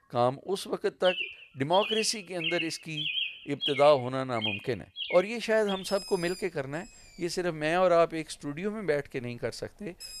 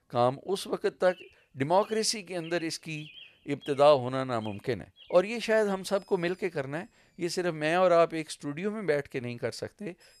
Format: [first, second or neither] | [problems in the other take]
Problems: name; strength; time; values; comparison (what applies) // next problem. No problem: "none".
second | animal sounds; loud; throughout; 5 dB below the speech; faint in the second